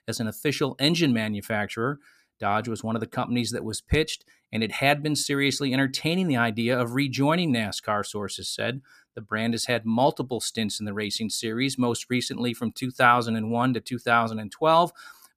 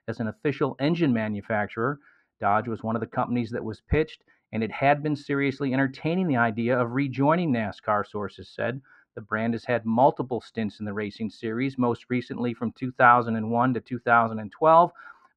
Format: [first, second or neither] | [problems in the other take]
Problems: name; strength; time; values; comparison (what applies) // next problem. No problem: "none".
first | muffled; very; fading above 1.5 kHz